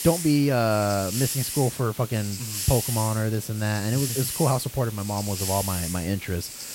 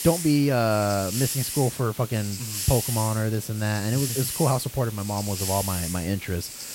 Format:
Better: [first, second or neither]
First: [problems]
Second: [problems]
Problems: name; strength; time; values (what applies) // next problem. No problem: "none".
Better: neither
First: hiss; loud; throughout; 5 dB below the speech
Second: hiss; loud; throughout; 5 dB below the speech